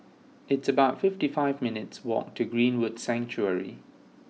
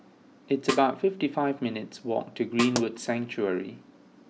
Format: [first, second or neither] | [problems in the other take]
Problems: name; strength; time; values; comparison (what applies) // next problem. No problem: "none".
first | background sound (Snare drum + Explosion); 10 dB below the speech